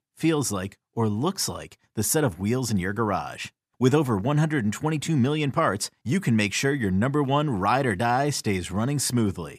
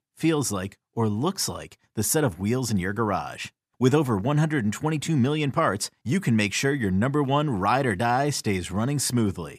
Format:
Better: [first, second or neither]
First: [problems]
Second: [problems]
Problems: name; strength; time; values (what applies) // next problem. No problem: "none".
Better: neither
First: none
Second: none